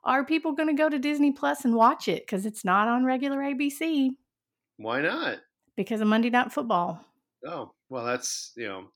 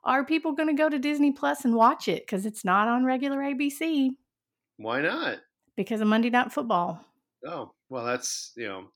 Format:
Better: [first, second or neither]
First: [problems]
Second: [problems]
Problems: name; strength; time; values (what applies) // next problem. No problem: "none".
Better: neither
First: none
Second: none